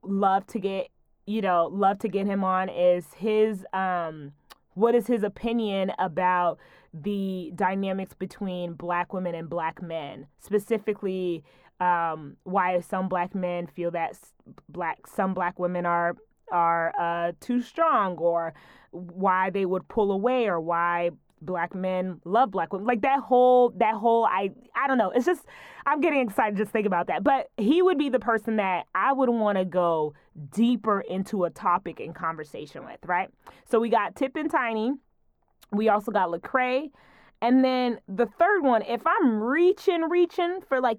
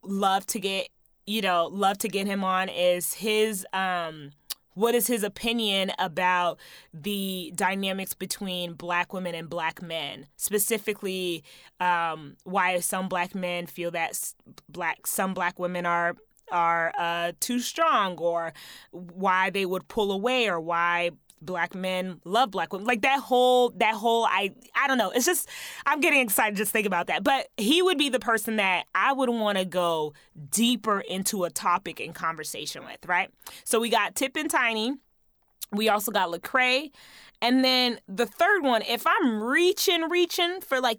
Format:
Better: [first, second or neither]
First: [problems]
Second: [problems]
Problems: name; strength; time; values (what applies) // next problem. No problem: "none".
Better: second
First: muffled; very; fading above 2.5 kHz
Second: none